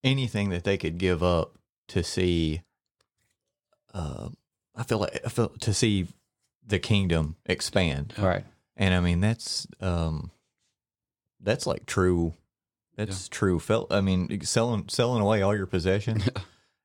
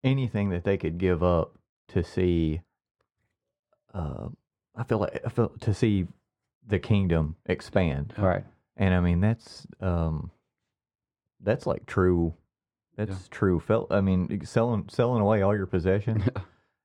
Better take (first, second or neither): first